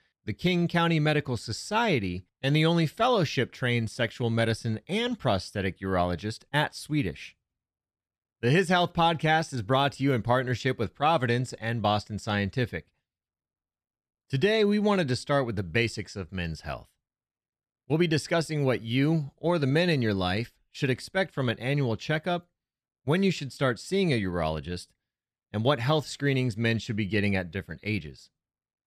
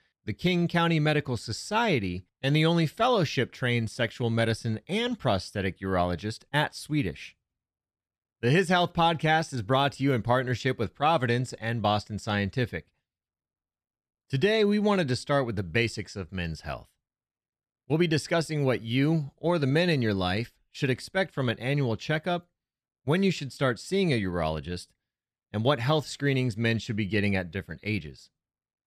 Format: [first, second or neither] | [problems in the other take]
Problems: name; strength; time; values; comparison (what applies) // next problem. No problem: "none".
neither | none